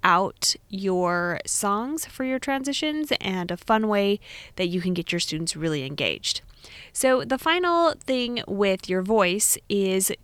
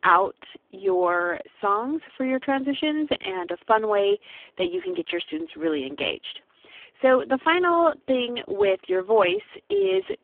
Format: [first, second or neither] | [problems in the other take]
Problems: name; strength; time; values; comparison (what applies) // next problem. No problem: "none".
first | phone-call audio; poor line; nothing above 3 kHz